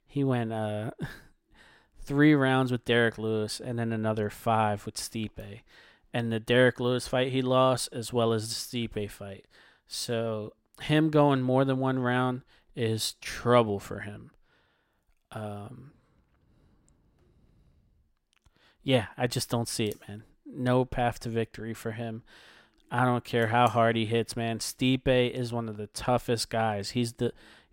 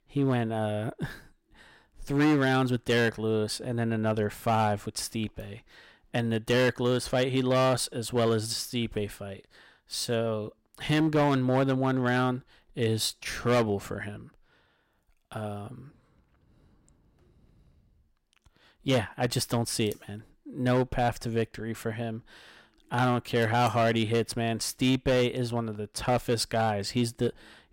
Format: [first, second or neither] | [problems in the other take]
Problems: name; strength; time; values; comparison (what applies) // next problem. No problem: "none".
first | distortion; slight; 5% of the sound clipped